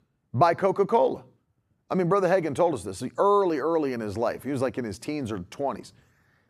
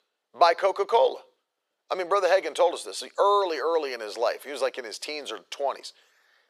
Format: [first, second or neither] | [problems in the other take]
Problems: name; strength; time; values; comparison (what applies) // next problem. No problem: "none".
first | thin; very; fading below 500 Hz